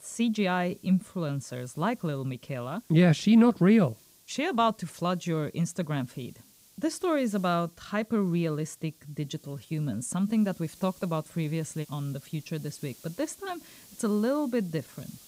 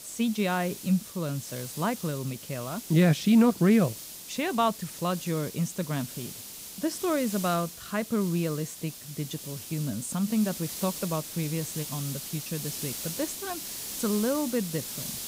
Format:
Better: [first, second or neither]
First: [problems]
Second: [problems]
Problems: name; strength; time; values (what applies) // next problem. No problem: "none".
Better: first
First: hiss; faint; throughout; 25 dB below the speech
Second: hiss; loud; throughout; 9 dB below the speech